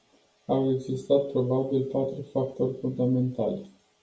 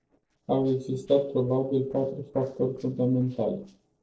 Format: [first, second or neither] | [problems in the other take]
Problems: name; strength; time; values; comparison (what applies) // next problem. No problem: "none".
first | noise reduction (neural separator model SepFormer DNS4)